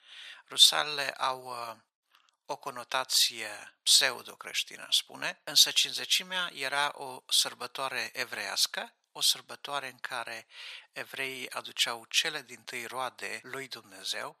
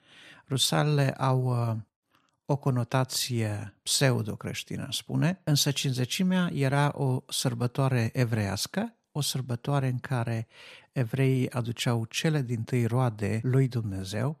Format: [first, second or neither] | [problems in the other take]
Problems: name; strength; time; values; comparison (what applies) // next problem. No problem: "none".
second | thin; very; fading below 1 kHz